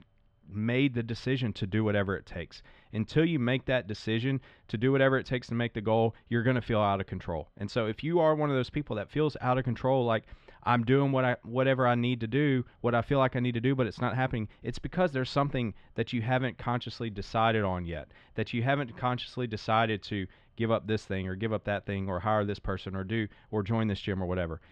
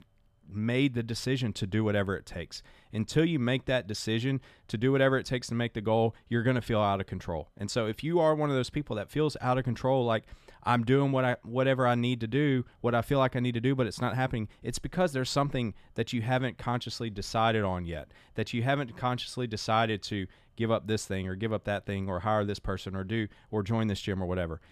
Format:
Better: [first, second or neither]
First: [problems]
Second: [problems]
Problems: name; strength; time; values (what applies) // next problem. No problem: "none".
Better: second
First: muffled; slightly; fading above 3 kHz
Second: none